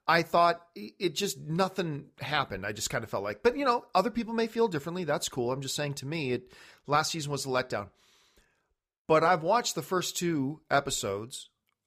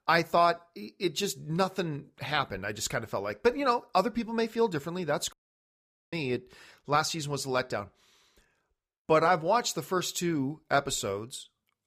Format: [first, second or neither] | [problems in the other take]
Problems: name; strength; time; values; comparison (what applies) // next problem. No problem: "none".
first | audio cutting out; at 5.5 s for 1 s